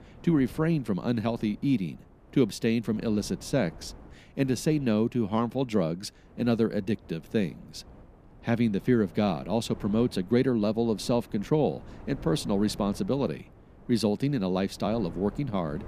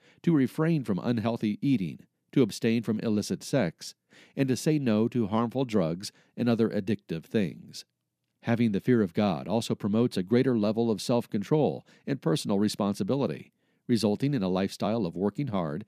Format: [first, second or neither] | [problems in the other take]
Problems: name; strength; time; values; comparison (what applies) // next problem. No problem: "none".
second | wind noise on the microphone; occasional gusts; 25 dB below the speech